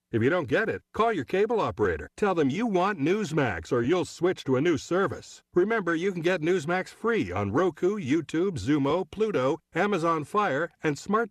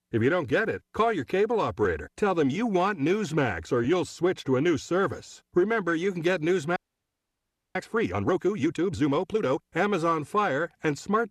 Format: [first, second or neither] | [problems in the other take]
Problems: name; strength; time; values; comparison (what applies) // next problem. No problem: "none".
first | audio freezing; at 7 s for 1 s